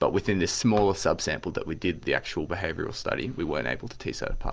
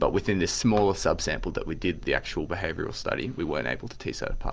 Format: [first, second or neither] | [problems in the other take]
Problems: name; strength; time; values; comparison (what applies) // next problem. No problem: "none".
first | background sound (Thunder); 14 dB below the speech